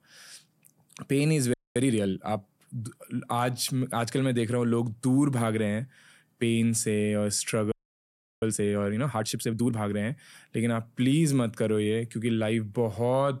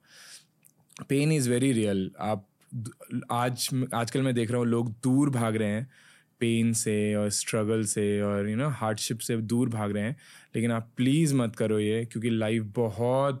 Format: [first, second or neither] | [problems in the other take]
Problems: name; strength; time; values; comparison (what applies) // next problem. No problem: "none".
second | audio freezing; at 1.5 s and at 7.5 s for 0.5 s